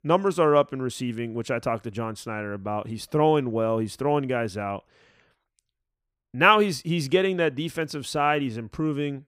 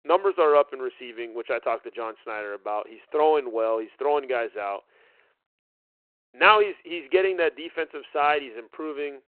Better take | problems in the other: first | phone-call audio; nothing above 4 kHz

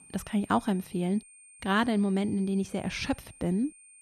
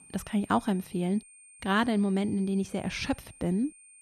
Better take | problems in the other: neither | high-pitched whine; faint; throughout; 9 kHz, 20 dB below the speech; the same in both

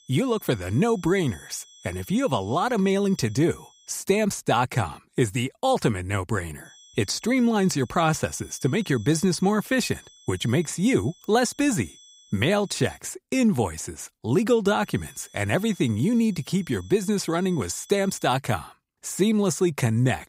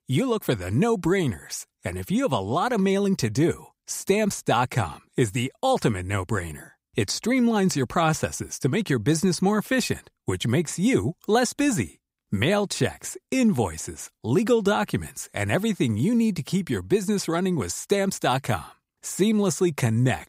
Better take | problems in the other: second | high-pitched whine; faint; until 4 s, from 6.5 to 13 s and from 15 to 18 s; 3.5 kHz, 25 dB below the speech

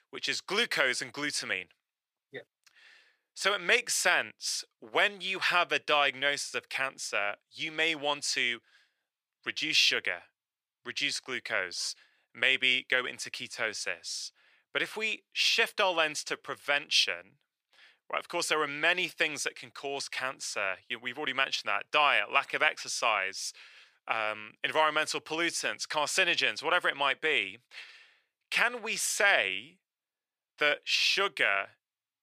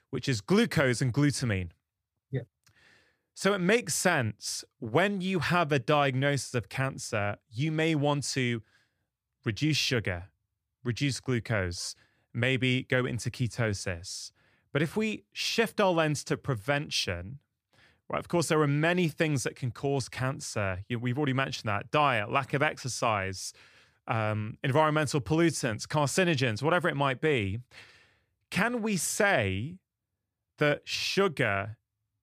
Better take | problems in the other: second | thin; very; fading below 550 Hz

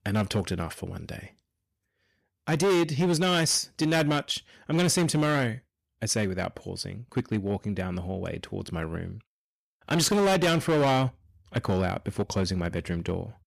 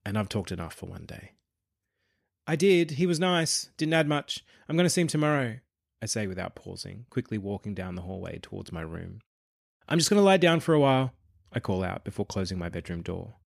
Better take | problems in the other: second | distortion; heavy; 9% of the sound clipped

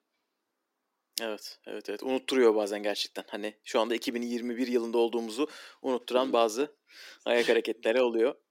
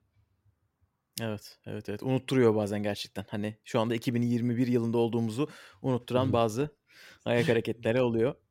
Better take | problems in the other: second | thin; somewhat; fading below 300 Hz

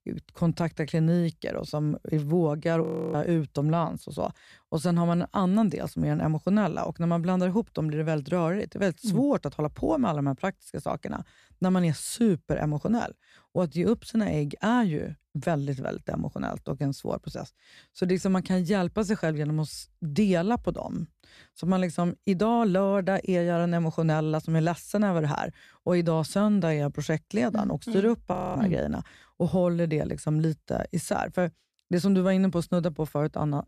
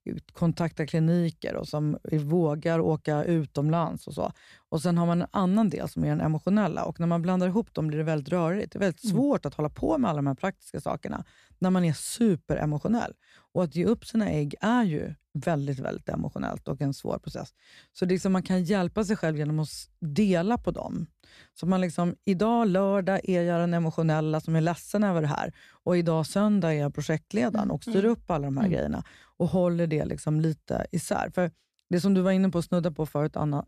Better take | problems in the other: second | audio freezing; at 3 s and at 28 s

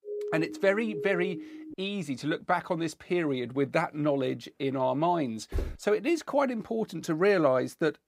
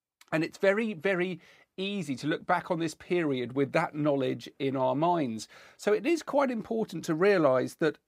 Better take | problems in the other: second | siren; noticeable; until 1.5 s; peak 6 dB below the speech // footsteps; noticeable; at 5.5 s; peak 8 dB below the speech

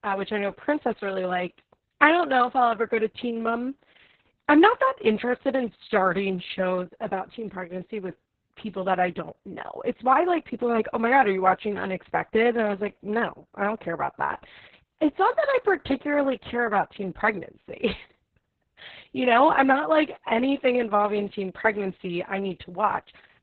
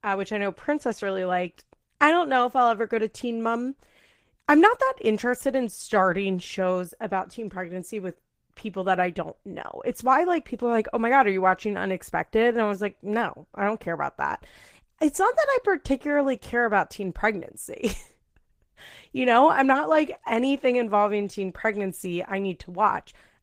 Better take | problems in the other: second | garbled, watery; badly; nothing above 4 kHz; slightly in the second

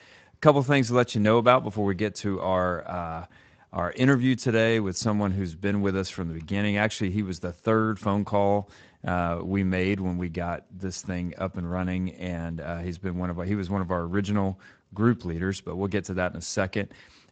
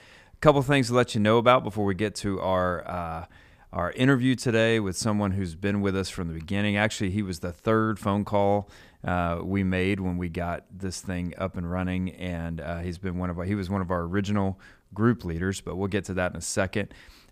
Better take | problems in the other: second | garbled, watery; slightly; nothing above 7.5 kHz

